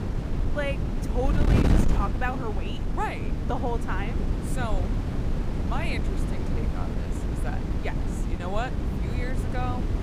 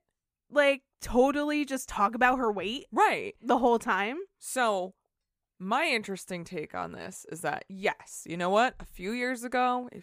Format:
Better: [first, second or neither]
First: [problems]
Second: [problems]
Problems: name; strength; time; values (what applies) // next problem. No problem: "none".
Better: second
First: wind noise on the microphone; heavy; 3 dB below the speech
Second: none